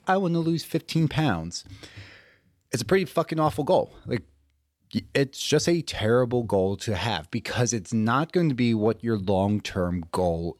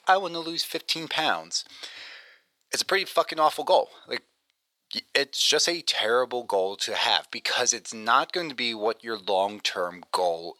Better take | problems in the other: first | thin; very; fading below 750 Hz

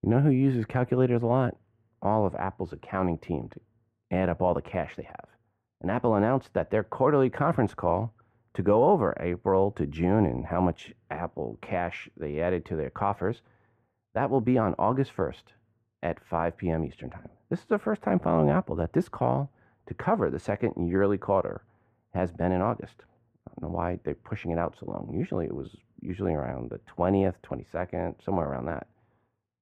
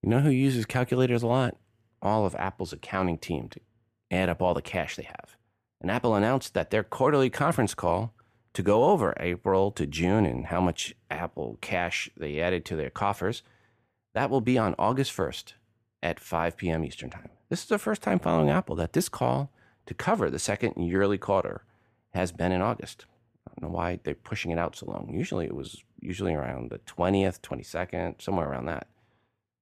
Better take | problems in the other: second | muffled; very; fading above 2.5 kHz

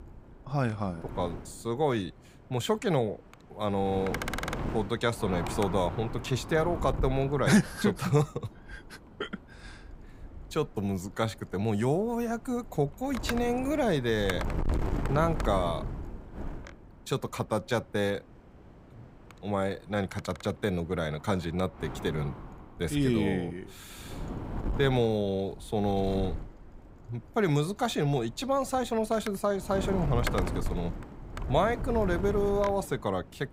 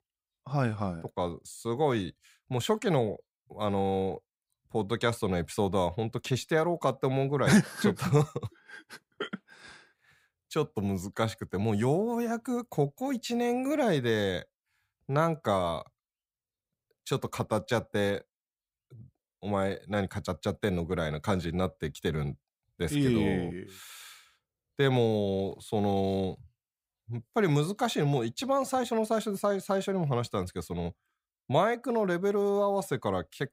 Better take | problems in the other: second | wind noise on the microphone; heavy; 9 dB below the speech

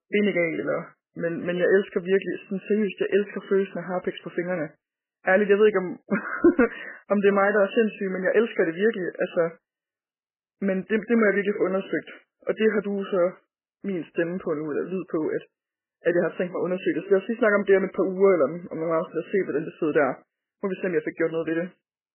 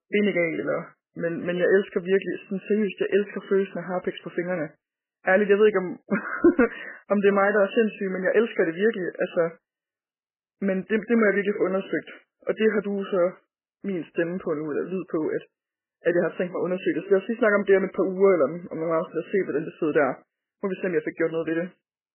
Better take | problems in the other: neither | garbled, watery; badly; nothing above 3 kHz; the same in both

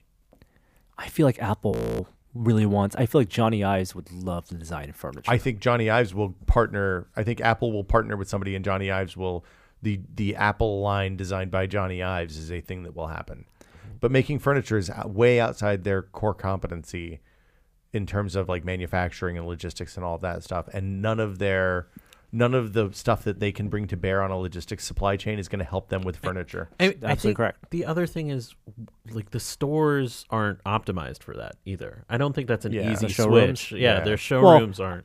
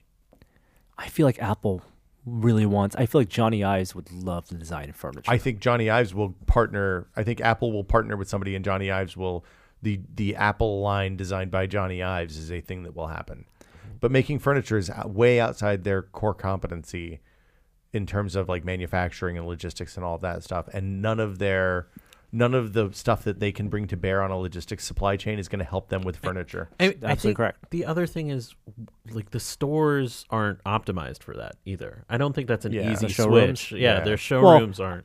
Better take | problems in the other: second | audio freezing; at 1.5 s

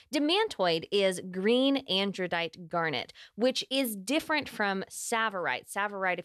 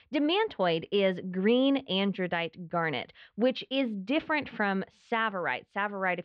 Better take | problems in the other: first | muffled; slightly; fading above 3 kHz

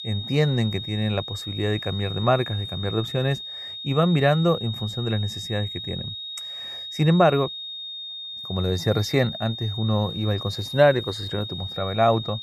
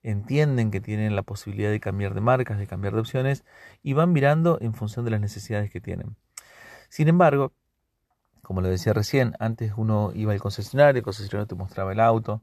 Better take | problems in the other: second | high-pitched whine; loud; throughout; 3.5 kHz, 8 dB below the speech

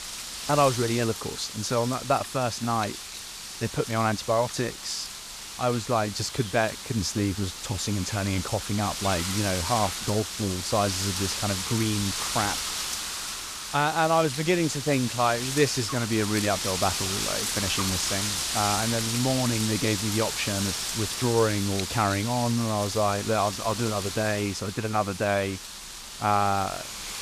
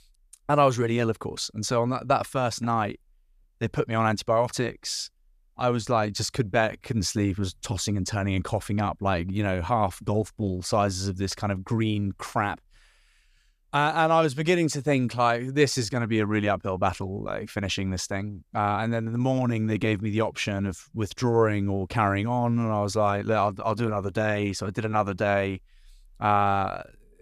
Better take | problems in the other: second | wind noise on the microphone; heavy; 4 dB below the speech

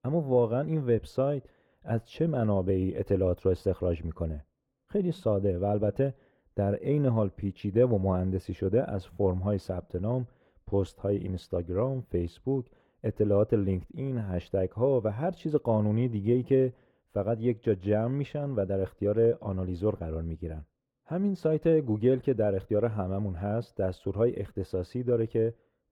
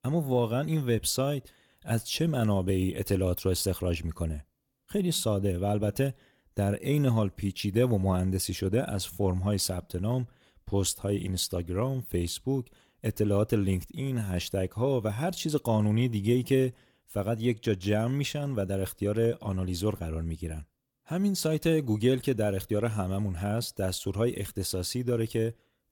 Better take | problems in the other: second | muffled; very; fading above 3 kHz

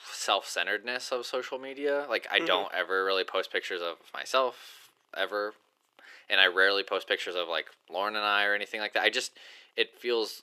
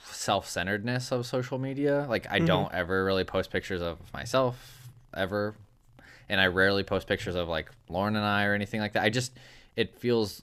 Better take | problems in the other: second | thin; very; fading below 350 Hz

